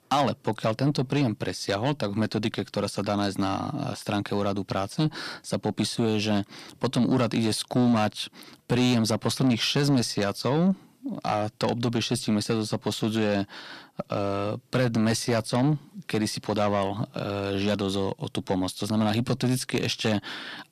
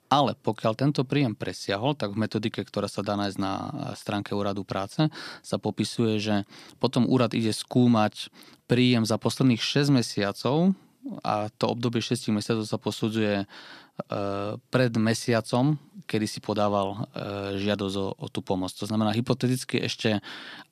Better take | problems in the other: second | distortion; slight; 10 dB below the speech

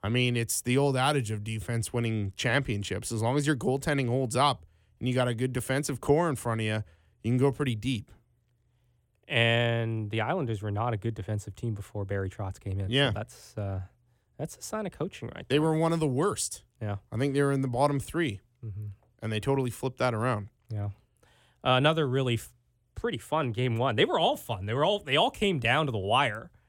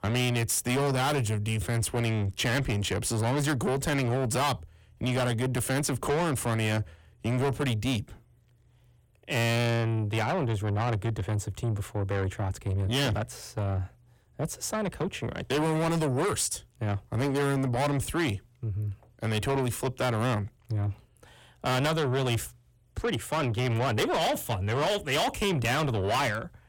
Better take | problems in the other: first | distortion; heavy; 6 dB below the speech

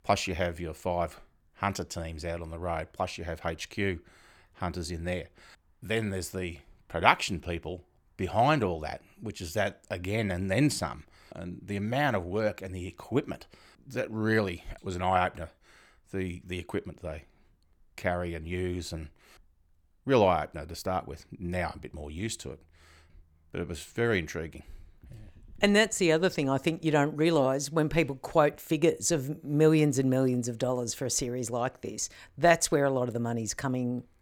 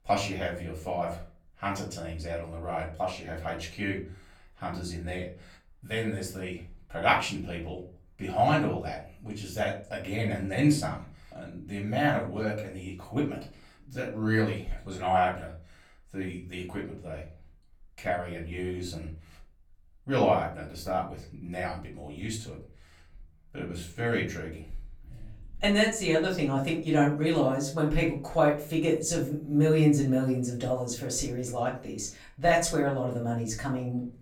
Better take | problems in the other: first | off-mic speech; far // room echo; slight; dies away in 0.3 s

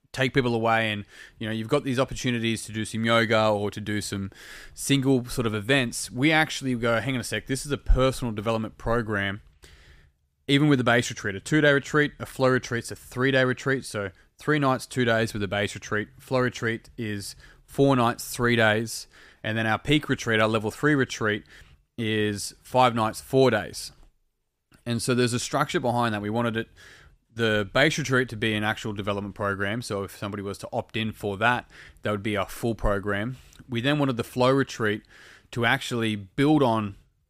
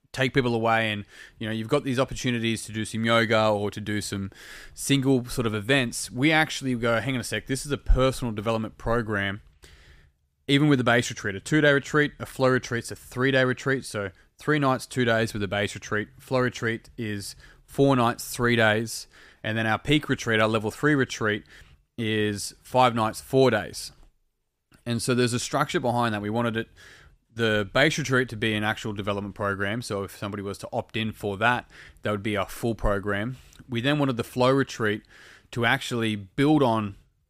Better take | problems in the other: neither | none

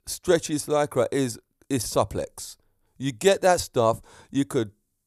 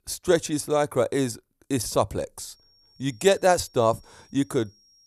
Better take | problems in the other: first | high-pitched whine; faint; from 2.5 s on; 5.5 kHz, 30 dB below the speech

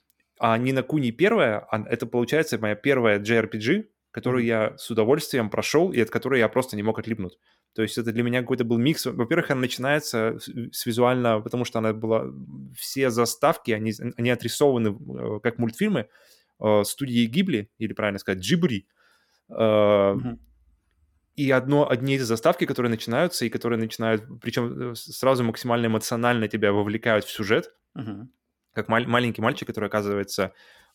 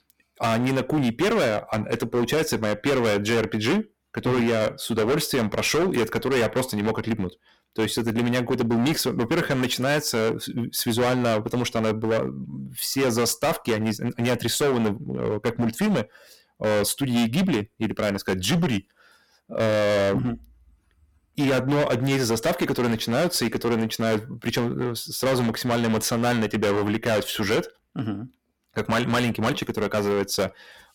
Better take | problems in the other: first | distortion; heavy; 17% of the sound clipped

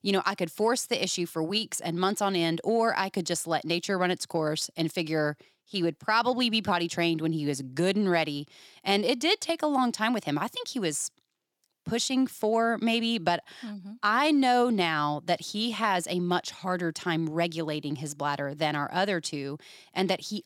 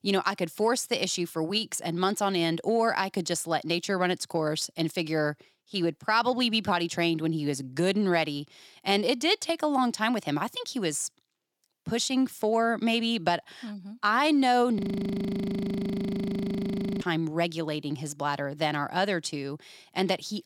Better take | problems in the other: first | audio freezing; at 15 s for 2 s

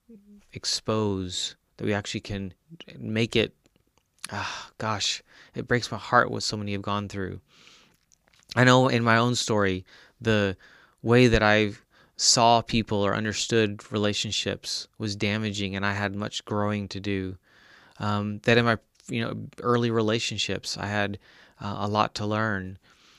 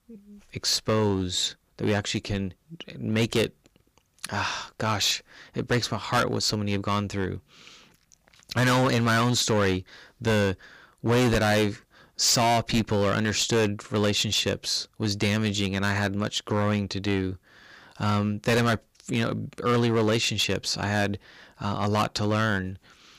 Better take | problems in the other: first | distortion; heavy; 9% of the sound clipped

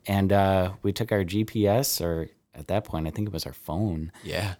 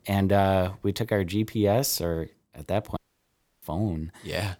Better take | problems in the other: first | audio cutting out; at 3 s for 0.5 s

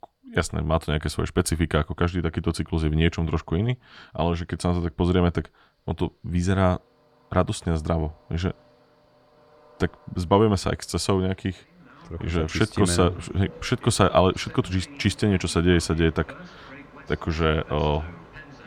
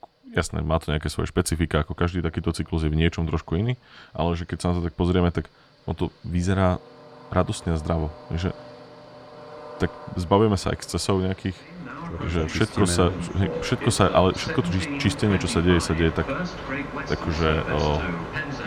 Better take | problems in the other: first | train or aircraft noise; loud; throughout; 8 dB below the speech; faint in the first

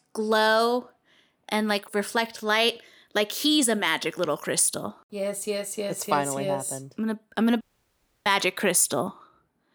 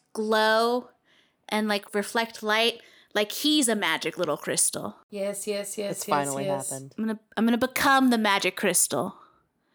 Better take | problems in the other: second | audio cutting out; at 7.5 s for 0.5 s

